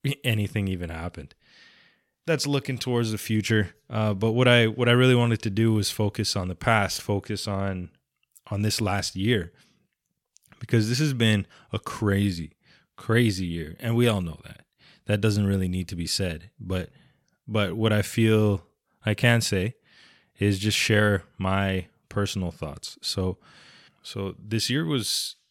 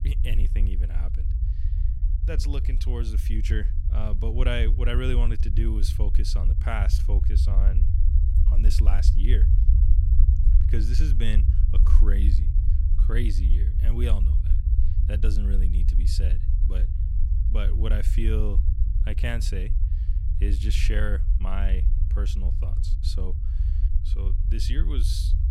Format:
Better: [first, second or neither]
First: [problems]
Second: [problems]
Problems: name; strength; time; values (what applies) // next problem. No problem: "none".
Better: first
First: none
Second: low rumble; loud; throughout; 7 dB below the speech